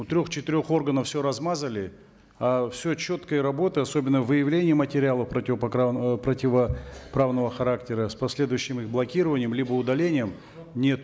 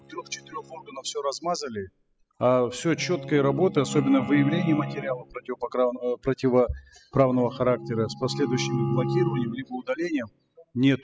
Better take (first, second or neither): first